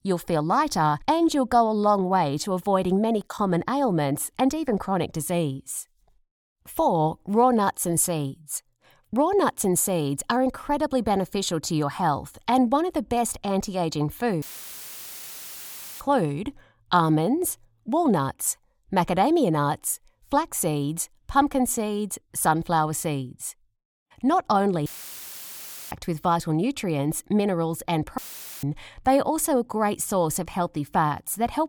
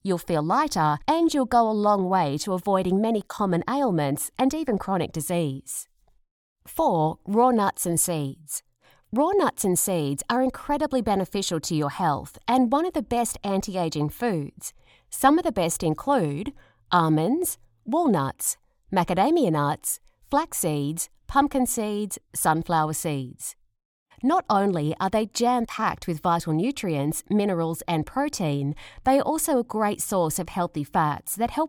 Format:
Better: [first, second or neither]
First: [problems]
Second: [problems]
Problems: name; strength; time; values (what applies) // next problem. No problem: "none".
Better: second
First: audio cutting out; filled with static; at 14 s for 1.5 s, at 25 s for 1 s and at 28 s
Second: none